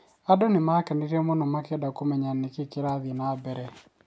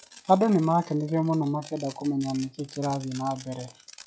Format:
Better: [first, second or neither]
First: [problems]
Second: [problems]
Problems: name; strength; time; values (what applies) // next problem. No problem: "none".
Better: first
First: none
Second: noise reduction (classical method log-MMSE)